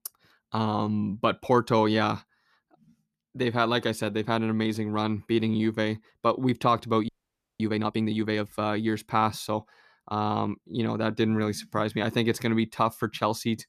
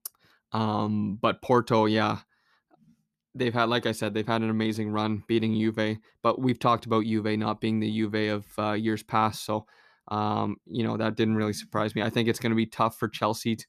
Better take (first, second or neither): second